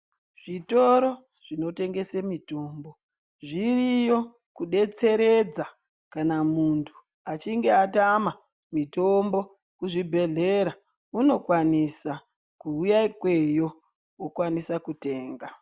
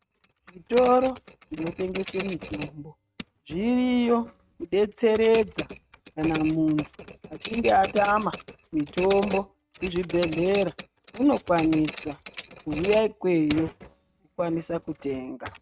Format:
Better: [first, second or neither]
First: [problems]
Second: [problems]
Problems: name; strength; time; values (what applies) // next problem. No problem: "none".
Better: first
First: none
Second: noise reduction (neural mask model RNNoise)